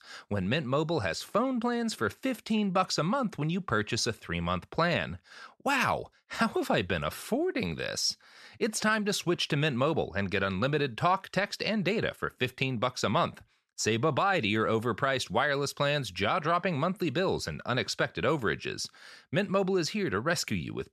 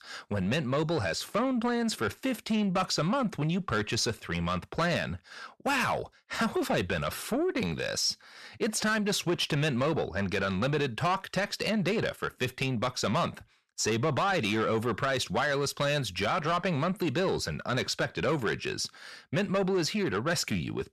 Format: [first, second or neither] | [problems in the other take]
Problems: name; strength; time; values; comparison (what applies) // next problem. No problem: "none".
first | distortion; slight; 10 dB below the speech